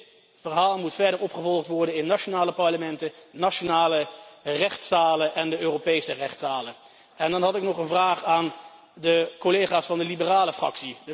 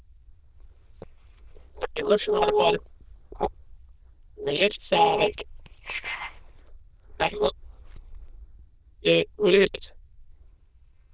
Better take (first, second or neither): first